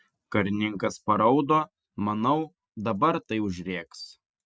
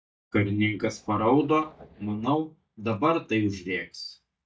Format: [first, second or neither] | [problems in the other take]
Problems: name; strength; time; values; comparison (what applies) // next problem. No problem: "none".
first | noise reduction (neural mask model DeepFilterNet 3)